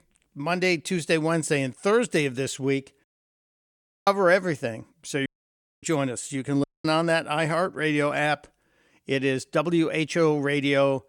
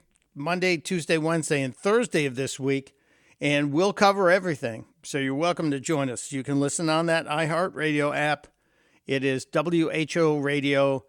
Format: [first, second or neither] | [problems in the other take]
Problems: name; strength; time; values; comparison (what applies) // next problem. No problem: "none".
second | audio cutting out; at 3 s for 1 s, at 5.5 s for 0.5 s and at 6.5 s